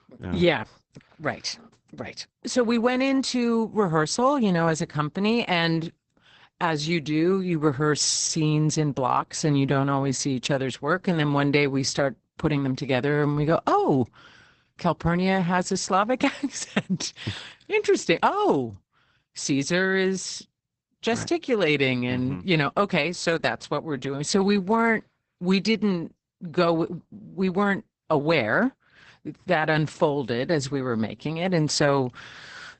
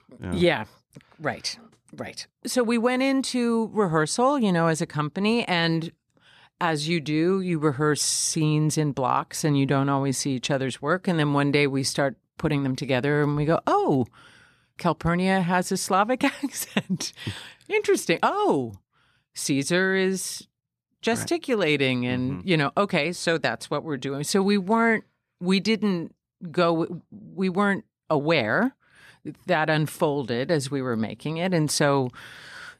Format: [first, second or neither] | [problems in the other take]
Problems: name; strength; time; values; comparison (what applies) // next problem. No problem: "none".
second | garbled, watery; badly; nothing above 8 kHz